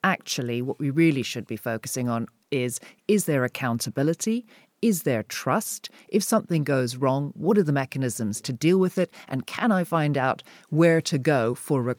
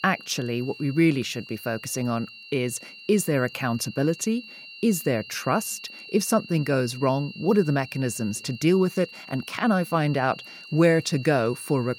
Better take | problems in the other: first | high-pitched whine; noticeable; throughout; 3 kHz, 15 dB below the speech

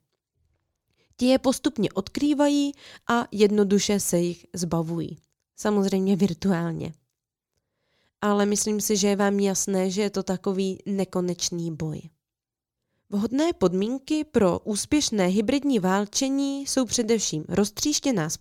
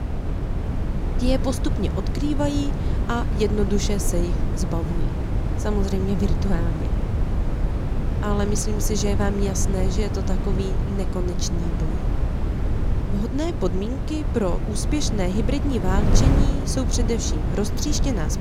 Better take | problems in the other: first | wind noise on the microphone; heavy; 5 dB below the speech

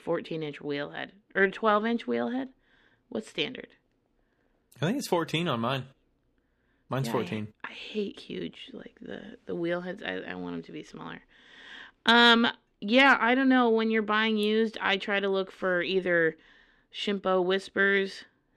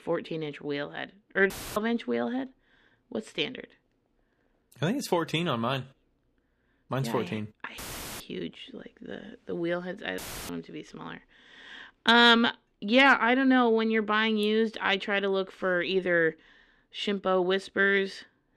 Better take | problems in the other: first | audio cutting out; filled with static; at 1.5 s, at 8 s and at 10 s

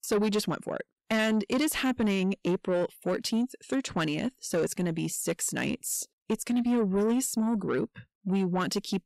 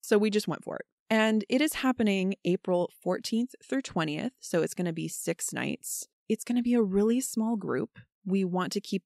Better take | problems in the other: second | distortion; slight; 10 dB below the speech

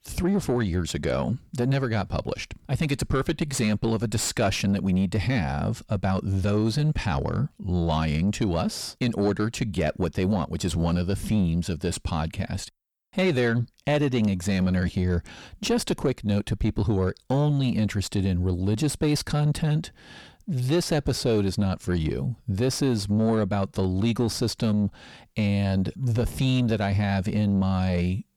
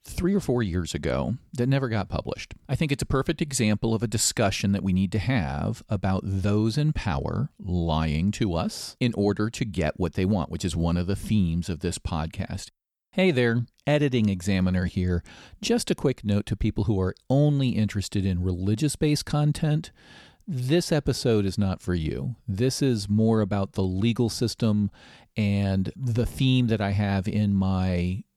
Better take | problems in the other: second | distortion; slight; 10 dB below the speech

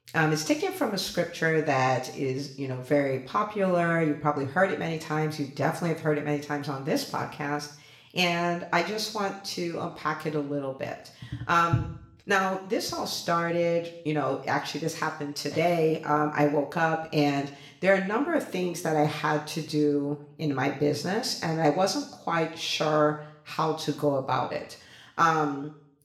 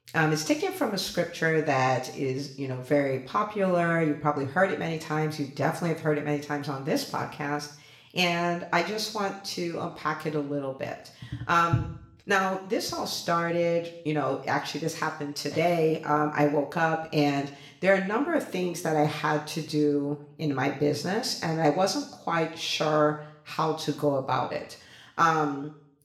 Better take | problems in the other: neither | room echo; slight; dies away in 0.6 s; the same in both // off-mic speech; somewhat distant; the same in both

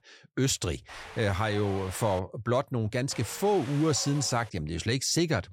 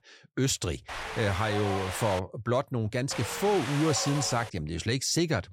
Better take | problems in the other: first | wind noise on the microphone; heavy; from 1 to 2 s and from 3 to 4.5 s; 4 dB below the speech; occasional gusts in the first

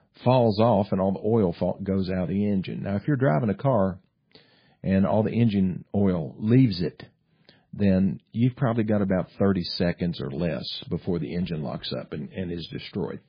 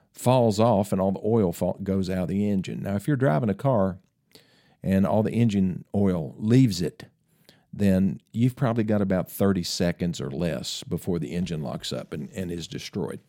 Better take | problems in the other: second | garbled, watery; badly; nothing above 4.5 kHz

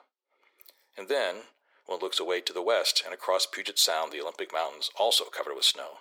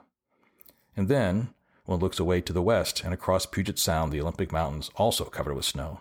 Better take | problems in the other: second | thin; very; fading below 400 Hz

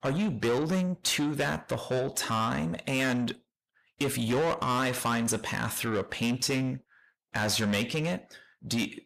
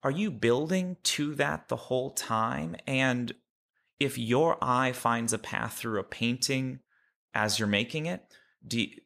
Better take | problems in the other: second | distortion; heavy; 7 dB below the speech

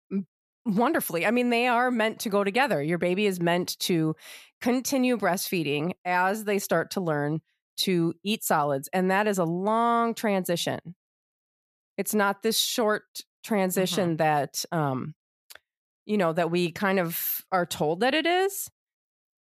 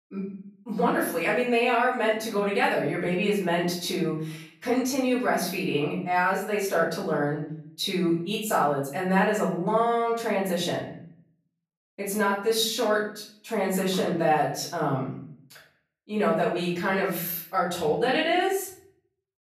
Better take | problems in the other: first | off-mic speech; far // room echo; noticeable; dies away in 0.5 s

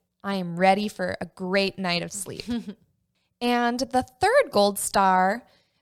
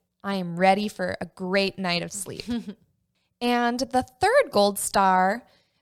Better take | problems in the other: neither | none

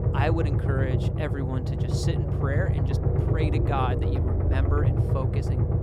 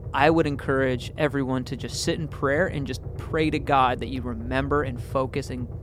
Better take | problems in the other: second | low rumble; loud; throughout; 2 dB below the speech; faint in the second

